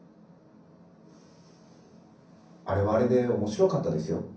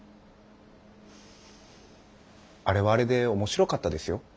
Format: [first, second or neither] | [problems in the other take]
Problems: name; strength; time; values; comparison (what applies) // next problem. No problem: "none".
second | room echo; dies away in 0.6 s